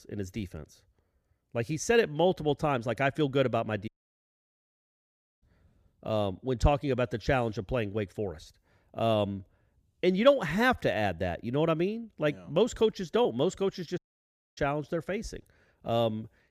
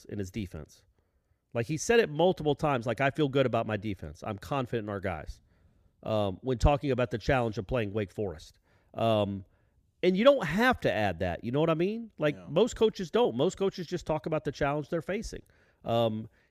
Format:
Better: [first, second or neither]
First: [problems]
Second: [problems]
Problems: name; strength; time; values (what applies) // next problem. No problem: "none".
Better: second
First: audio cutting out; at 4 s for 1.5 s and at 14 s for 0.5 s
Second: none